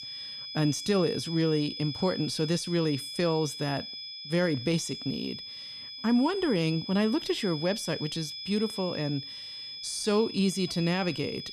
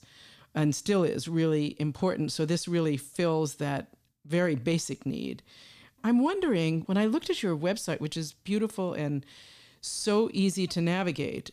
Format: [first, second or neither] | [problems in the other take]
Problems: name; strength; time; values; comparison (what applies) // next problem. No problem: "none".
second | high-pitched whine; loud; throughout; 5 kHz, 8 dB below the speech